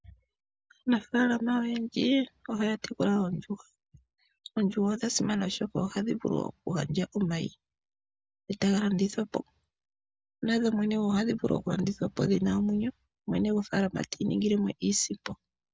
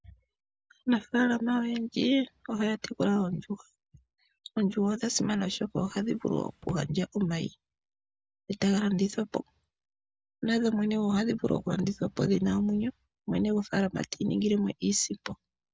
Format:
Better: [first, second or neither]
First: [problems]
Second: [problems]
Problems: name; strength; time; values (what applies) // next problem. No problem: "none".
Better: first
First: none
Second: background sound (Drawer open or close); 19 dB below the speech